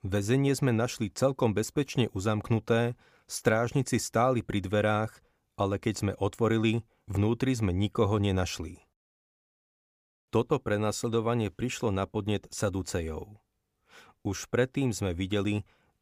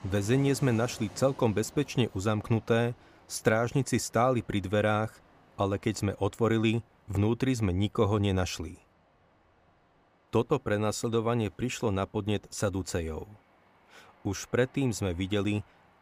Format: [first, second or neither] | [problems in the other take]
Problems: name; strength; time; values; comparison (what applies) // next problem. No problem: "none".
first | train or aircraft noise; faint; throughout; 25 dB below the speech